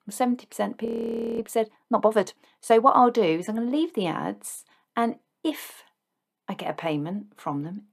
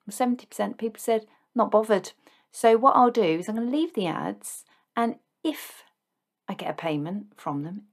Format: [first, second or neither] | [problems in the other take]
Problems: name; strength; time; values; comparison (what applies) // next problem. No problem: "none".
second | audio freezing; at 1 s for 0.5 s